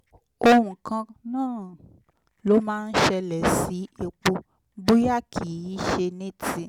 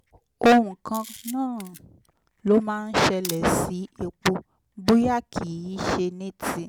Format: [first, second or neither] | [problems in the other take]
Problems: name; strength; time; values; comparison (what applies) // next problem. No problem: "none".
first | background sound (Camera); 19 dB below the speech